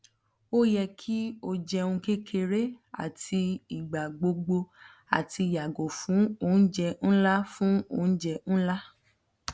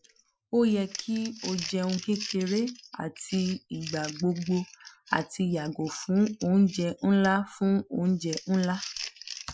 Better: first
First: none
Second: noise reduction (classical method Wiener filter)

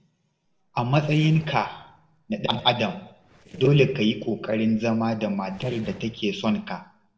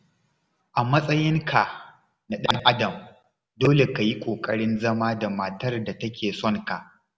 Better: second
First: noise reduction (neural separator model SepFormer DNS4)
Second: none

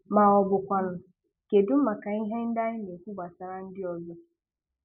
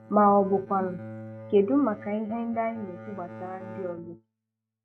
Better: first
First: none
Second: noise reduction (neural mask model RNNoise)

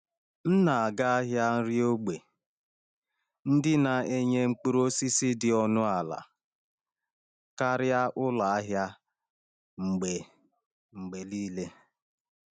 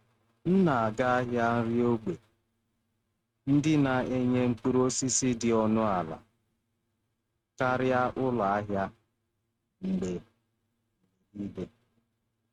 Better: first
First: none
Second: noise reduction (neural mask model RNNoise)

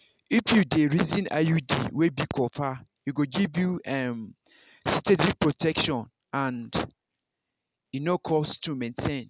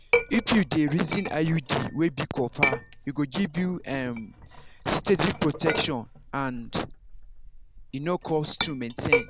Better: first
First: none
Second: background sound (Chink, clink); 5 dB below the speech

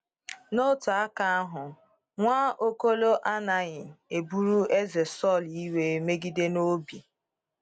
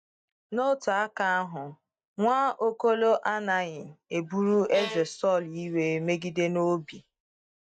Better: first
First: none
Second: noise reduction (neural mask model DeepFilterNet 3)

